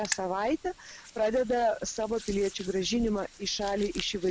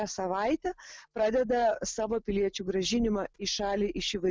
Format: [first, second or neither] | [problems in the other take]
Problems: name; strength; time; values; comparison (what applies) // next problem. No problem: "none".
second | background sound (Hands); 14 dB below the speech